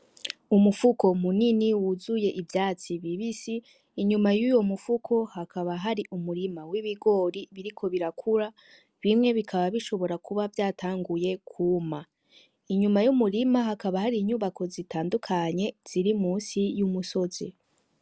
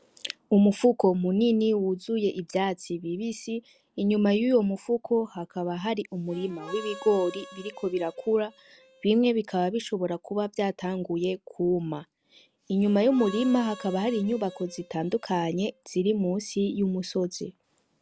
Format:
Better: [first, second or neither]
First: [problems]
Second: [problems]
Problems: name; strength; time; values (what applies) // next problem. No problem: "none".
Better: first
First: none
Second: background sound (Harmonica); 18 dB below the speech